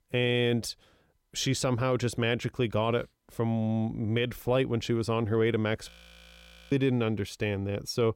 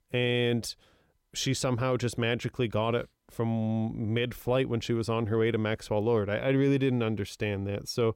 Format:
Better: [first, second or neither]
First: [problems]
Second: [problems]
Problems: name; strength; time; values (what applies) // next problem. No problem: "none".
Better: second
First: audio freezing; at 6 s for 1 s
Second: none